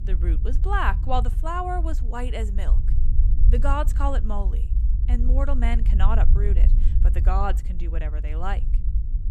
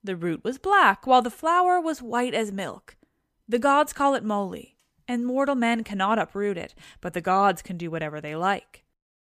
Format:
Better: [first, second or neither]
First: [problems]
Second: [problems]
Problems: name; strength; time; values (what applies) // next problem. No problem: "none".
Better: second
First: low rumble; noticeable; throughout; 15 dB below the speech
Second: none